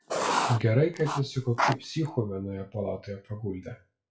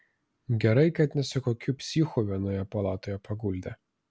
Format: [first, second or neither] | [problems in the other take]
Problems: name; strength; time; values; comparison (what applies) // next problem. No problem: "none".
second | noise reduction (classical method WPE with log-MMSE)